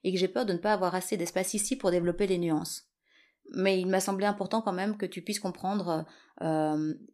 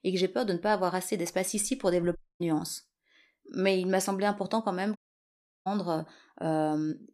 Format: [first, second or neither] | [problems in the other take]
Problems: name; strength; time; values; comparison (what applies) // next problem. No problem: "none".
first | audio cutting out; at 2 s and at 5 s for 0.5 s